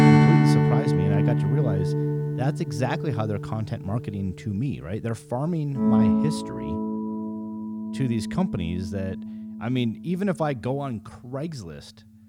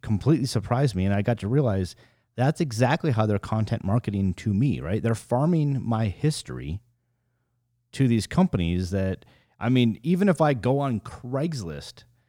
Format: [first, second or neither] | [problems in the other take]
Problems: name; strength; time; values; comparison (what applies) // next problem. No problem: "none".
second | background music; very loud; throughout; 4 dB above the speech